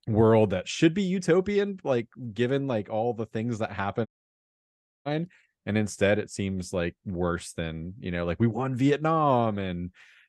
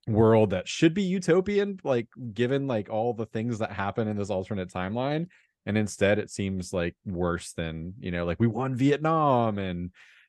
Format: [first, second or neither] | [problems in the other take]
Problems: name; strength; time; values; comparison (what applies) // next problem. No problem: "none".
second | audio cutting out; at 4 s for 1 s